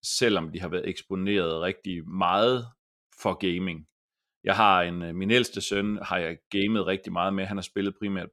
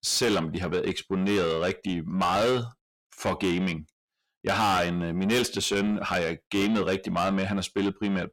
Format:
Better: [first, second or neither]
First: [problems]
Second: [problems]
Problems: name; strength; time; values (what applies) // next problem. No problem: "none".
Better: first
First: none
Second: distortion; heavy; 6 dB below the speech